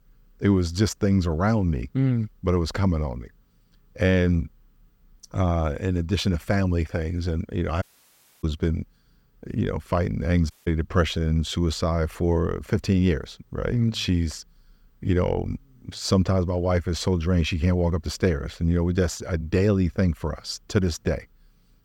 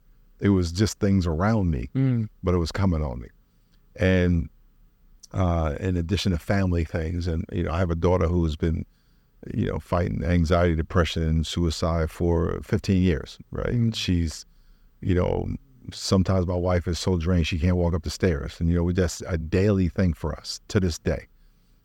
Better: second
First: audio cutting out; at 8 s for 0.5 s and at 11 s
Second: none

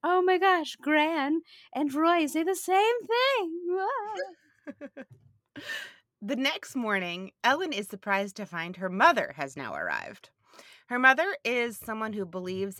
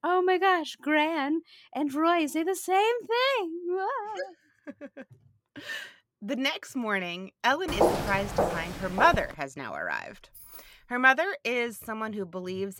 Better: first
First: none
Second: footsteps; loud; from 7.5 to 9.5 s; peak 2 dB above the speech // jangling keys; faint; at 10 s; peak 20 dB below the speech

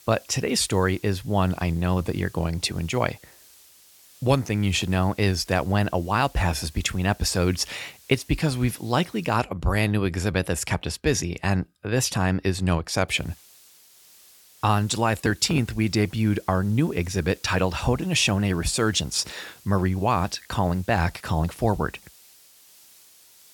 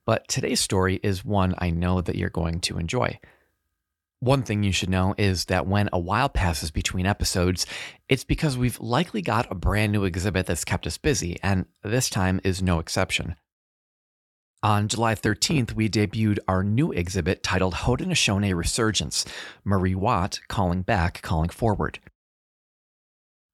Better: second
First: hiss; faint; until 9.5 s and from 13 s on; 25 dB below the speech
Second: none

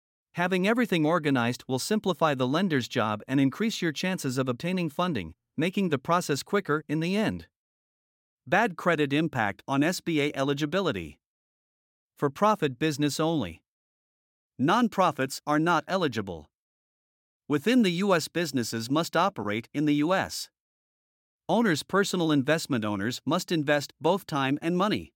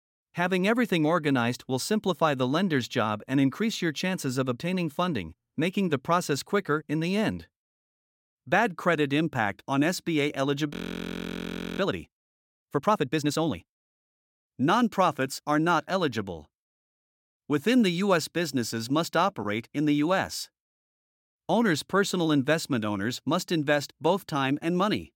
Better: first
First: none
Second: audio freezing; at 11 s for 1 s

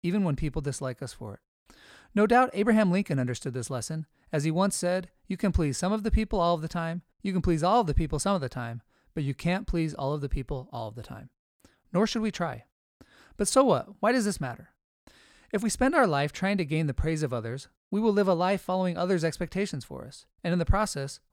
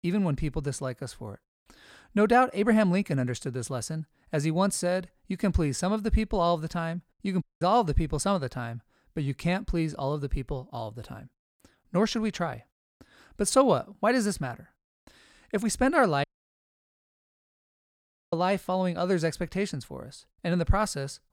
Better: first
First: none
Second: audio cutting out; at 7.5 s and at 16 s for 2 s

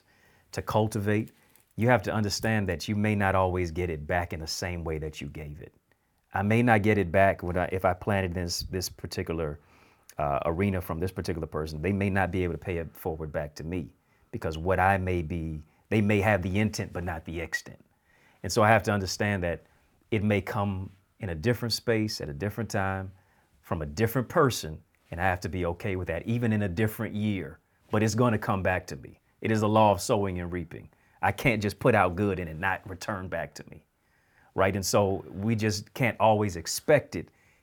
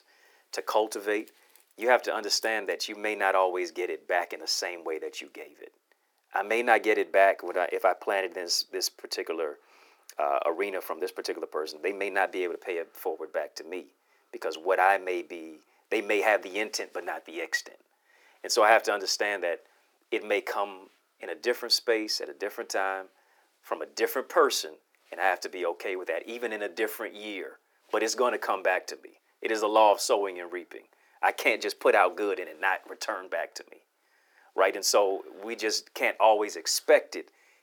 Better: first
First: none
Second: thin; very; fading below 350 Hz

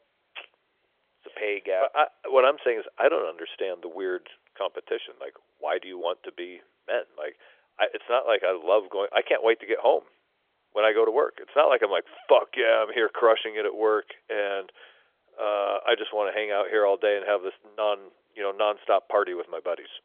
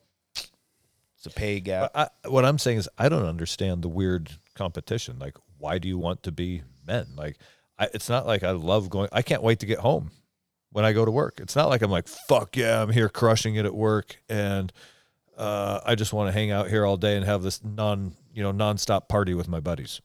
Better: second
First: phone-call audio; nothing above 3.5 kHz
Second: none

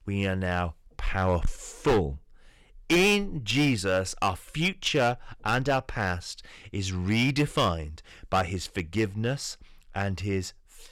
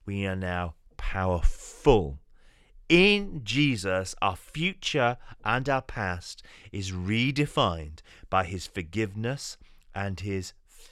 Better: second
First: distortion; heavy; 4% of the sound clipped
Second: none

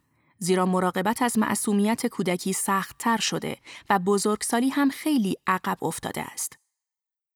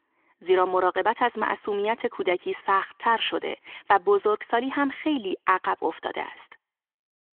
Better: first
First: none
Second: phone-call audio

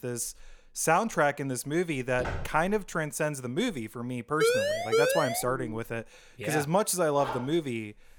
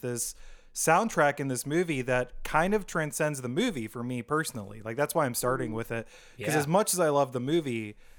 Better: second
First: footsteps; noticeable; at 2 s; peak 7 dB below the speech // siren; loud; from 4.5 to 5.5 s; peak 4 dB above the speech // dog barking; noticeable; at 7 s; peak 7 dB below the speech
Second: none

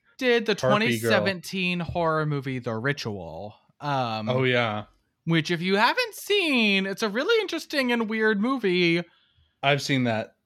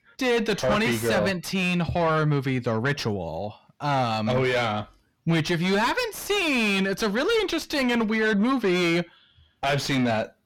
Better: first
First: none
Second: distortion; heavy; 6 dB below the speech

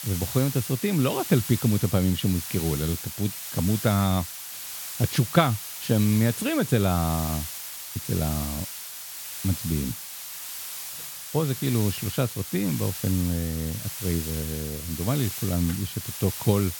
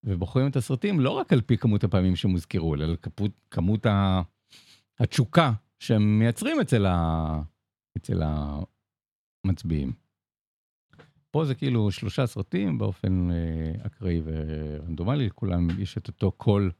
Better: second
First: hiss; loud; throughout; 7 dB below the speech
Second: none

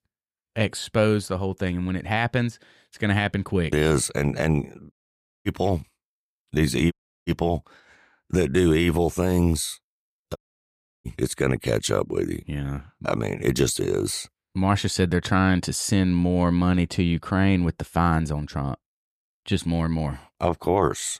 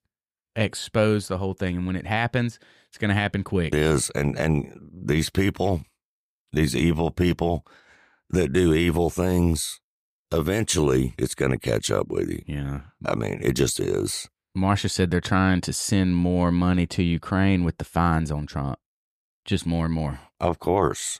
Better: second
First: audio cutting out; at 5 s for 0.5 s, at 7 s and at 10 s for 0.5 s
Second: none

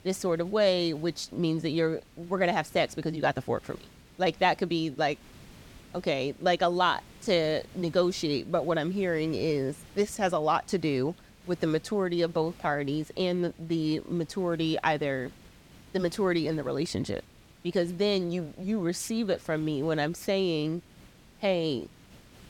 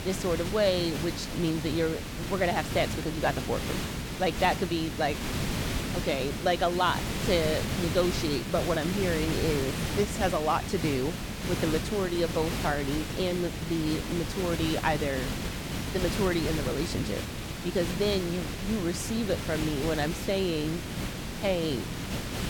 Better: first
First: hiss; faint; throughout; 25 dB below the speech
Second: hiss; loud; throughout; 3 dB below the speech

